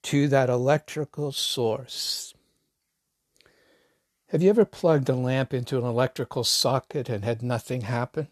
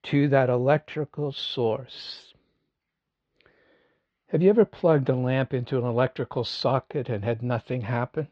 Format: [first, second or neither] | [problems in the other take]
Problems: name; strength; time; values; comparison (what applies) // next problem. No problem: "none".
first | muffled; slightly; fading above 3.5 kHz